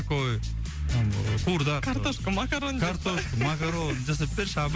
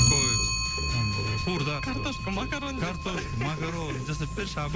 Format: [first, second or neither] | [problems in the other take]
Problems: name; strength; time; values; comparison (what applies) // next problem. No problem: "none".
first | background sound (Clock); as loud as the speech